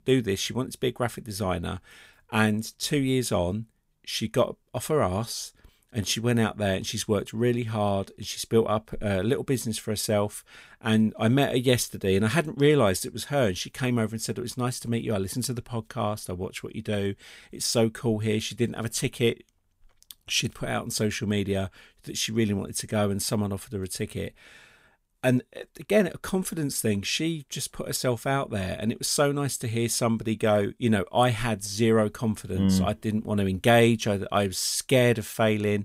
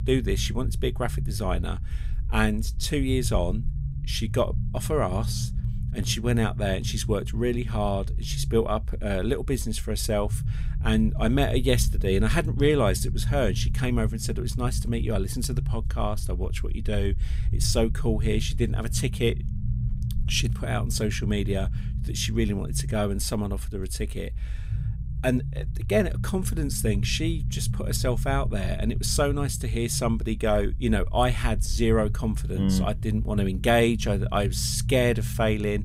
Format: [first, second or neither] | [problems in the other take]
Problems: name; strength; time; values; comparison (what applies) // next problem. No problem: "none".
first | low rumble; noticeable; throughout; 15 dB below the speech